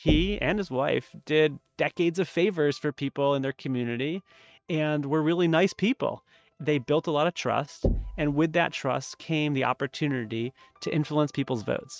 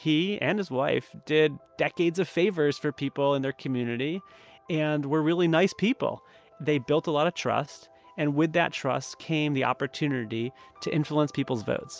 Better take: second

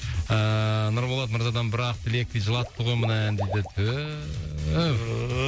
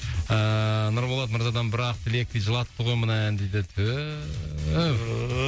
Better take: second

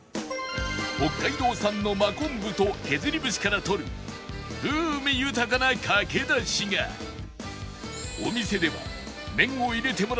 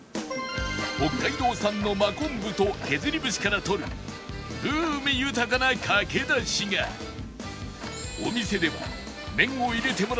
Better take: first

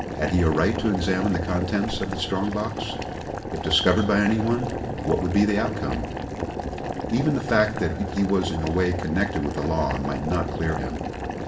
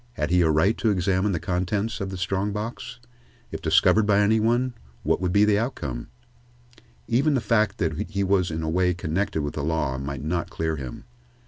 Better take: second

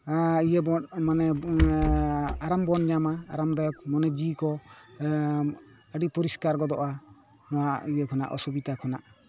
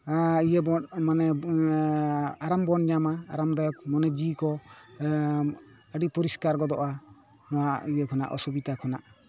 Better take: second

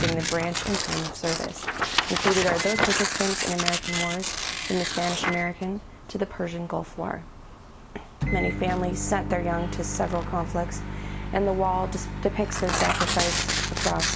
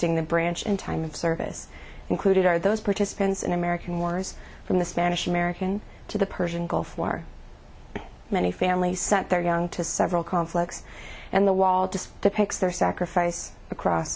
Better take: second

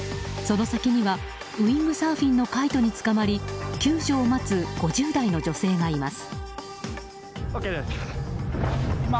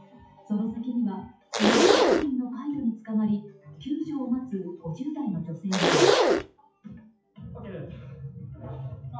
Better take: first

